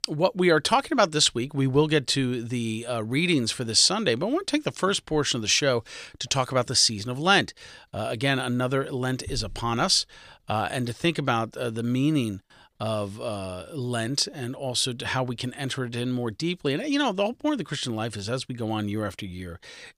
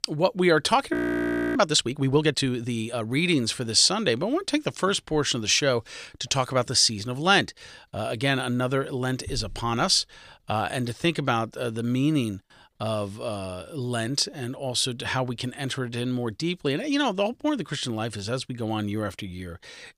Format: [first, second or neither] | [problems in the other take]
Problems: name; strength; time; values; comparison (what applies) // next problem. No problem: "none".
first | audio freezing; at 1 s for 0.5 s